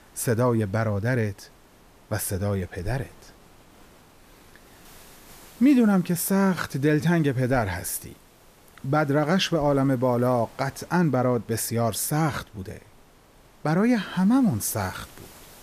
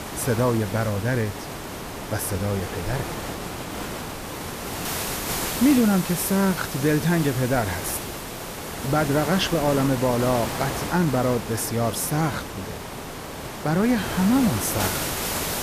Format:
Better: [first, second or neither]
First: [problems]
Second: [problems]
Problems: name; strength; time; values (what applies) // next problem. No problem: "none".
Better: first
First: hiss; faint; throughout; 25 dB below the speech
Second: hiss; loud; throughout; 6 dB below the speech